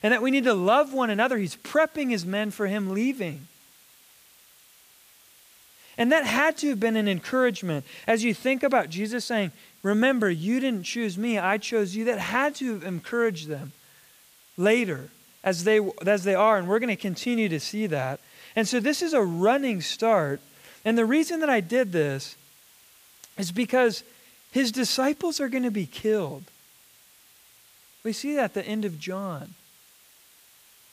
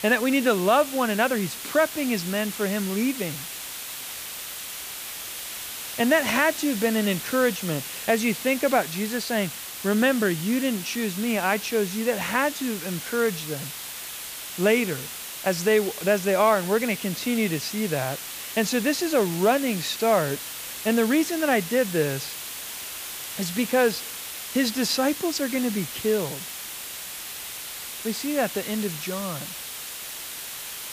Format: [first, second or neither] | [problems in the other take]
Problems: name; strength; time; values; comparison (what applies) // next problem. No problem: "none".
first | hiss; loud; throughout; 8 dB below the speech; faint in the first